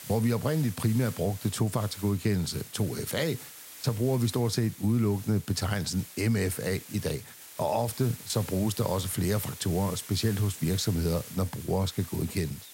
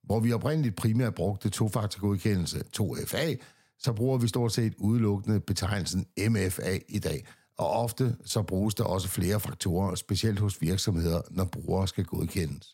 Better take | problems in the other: second | hiss; noticeable; throughout; 15 dB below the speech

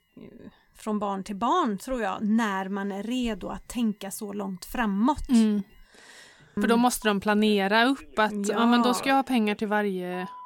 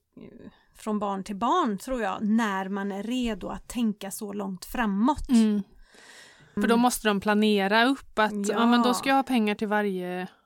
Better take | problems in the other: second | alarms or sirens; faint; throughout; 25 dB below the speech

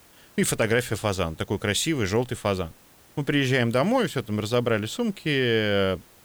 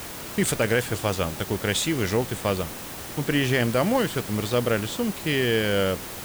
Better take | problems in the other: first | hiss; loud; throughout; 10 dB below the speech; faint in the first

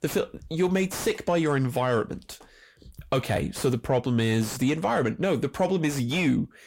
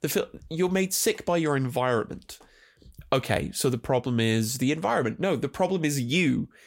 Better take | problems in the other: second | distortion; slight; 10 dB below the speech

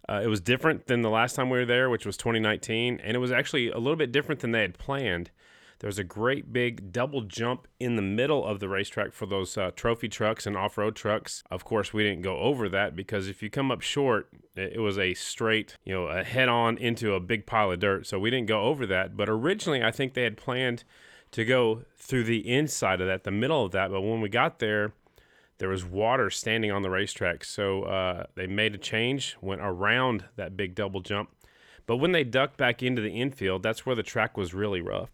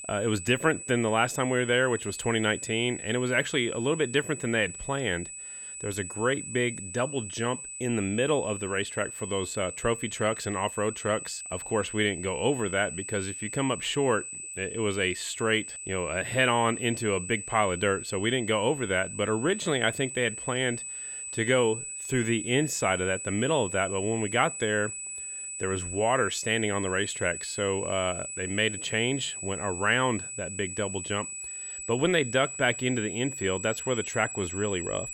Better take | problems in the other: first | high-pitched whine; loud; throughout; 8 kHz, 8 dB below the speech

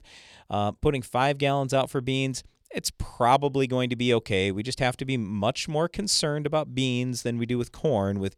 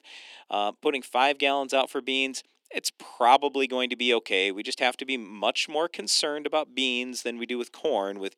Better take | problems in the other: first | thin; somewhat; fading below 250 Hz

